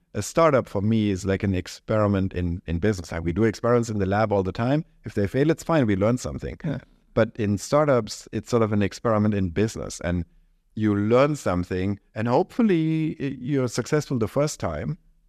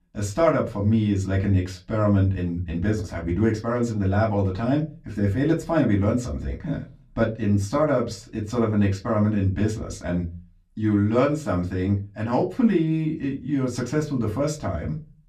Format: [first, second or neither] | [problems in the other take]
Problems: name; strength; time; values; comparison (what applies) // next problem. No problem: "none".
first | off-mic speech; far // room echo; very slight; dies away in 0.3 s